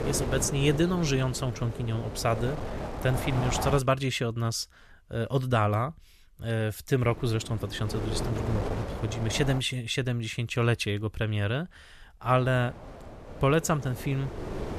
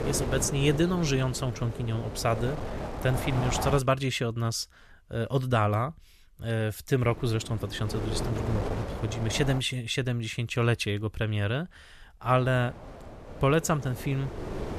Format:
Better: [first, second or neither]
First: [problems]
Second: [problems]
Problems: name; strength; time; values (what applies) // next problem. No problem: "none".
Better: neither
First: wind noise on the microphone; heavy; until 4 s, from 7 to 9.5 s and from 12 s on; 8 dB below the speech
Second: wind noise on the microphone; heavy; until 4 s, from 7 to 9.5 s and from 12 s on; 8 dB below the speech